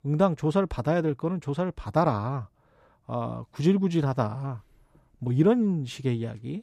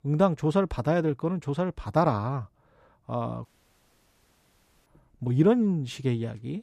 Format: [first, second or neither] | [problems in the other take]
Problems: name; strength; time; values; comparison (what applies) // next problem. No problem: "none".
first | audio cutting out; at 3.5 s for 1.5 s